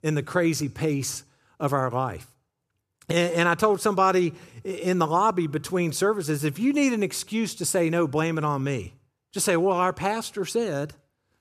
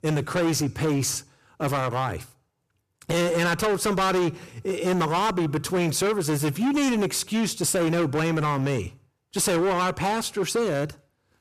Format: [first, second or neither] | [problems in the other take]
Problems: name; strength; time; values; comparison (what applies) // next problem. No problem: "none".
first | distortion; heavy; 21% of the sound clipped